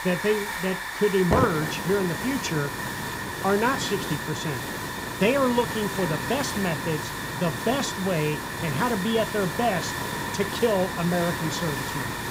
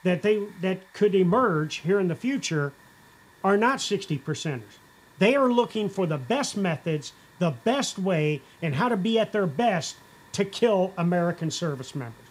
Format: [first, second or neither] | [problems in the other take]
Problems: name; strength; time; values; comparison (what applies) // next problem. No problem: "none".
second | hiss; loud; throughout; 3 dB below the speech; faint in the second